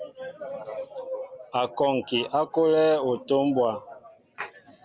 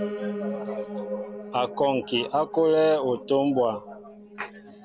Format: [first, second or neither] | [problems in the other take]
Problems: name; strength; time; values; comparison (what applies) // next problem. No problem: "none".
first | background sound (Piano); 11 dB below the speech